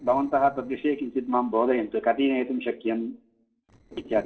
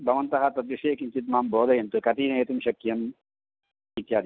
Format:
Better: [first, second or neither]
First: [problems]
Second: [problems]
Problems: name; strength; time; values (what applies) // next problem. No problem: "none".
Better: second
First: noise reduction (neural separator model SepFormer DNS4)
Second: none